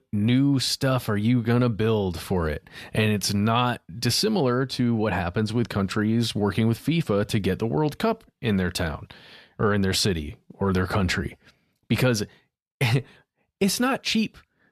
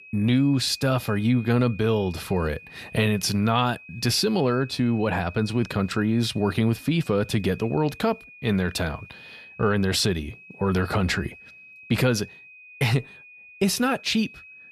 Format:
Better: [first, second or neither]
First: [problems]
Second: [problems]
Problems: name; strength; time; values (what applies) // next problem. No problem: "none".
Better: first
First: none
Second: high-pitched whine; noticeable; throughout; 2.5 kHz, 20 dB below the speech